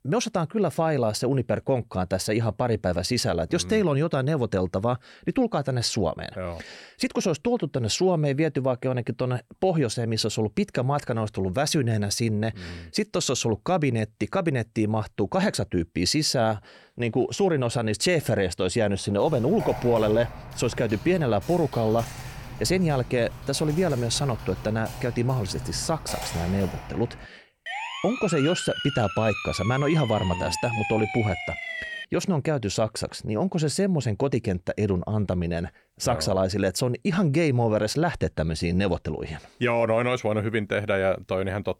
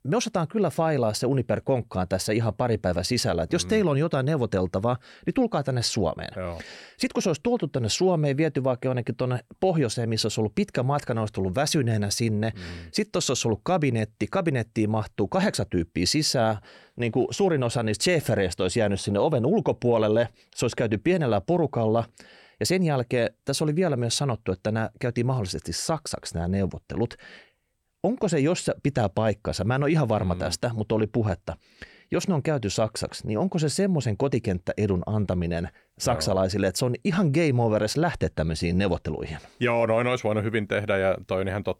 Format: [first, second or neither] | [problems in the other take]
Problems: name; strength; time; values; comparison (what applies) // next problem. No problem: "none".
second | keyboard typing; noticeable; from 19 to 27 s; peak 8 dB below the speech // siren; noticeable; from 28 to 32 s; peak 4 dB below the speech